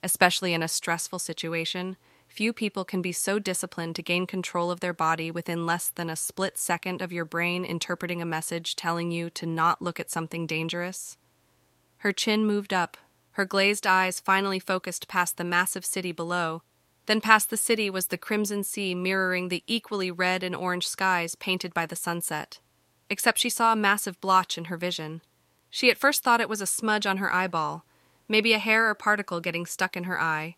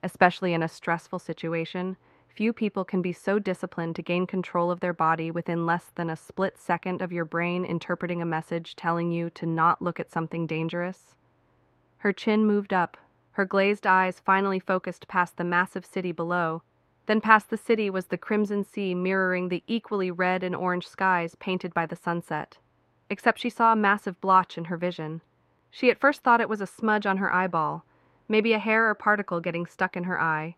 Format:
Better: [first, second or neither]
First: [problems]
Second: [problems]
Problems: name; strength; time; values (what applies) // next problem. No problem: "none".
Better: first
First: none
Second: muffled; very; fading above 3.5 kHz